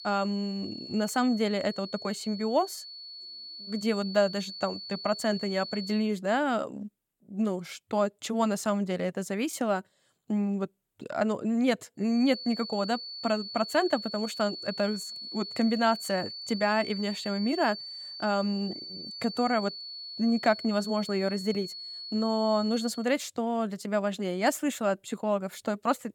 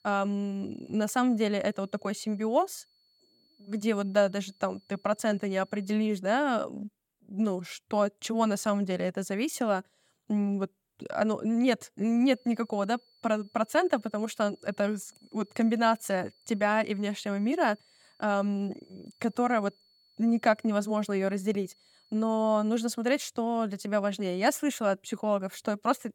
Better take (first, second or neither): second